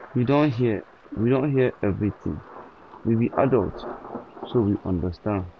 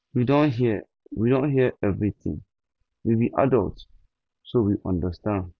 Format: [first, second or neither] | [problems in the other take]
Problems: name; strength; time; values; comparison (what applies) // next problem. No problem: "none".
second | background sound (Thunder); 17 dB below the speech